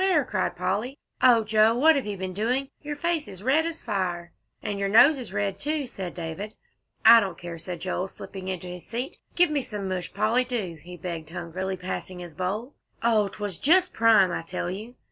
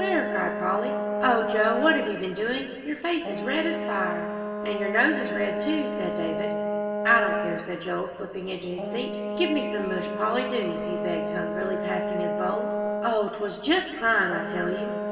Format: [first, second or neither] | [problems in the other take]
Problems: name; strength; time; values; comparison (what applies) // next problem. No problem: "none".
first | background sound (Brass instrument); 3 dB below the speech // room echo; dies away in 2.6 s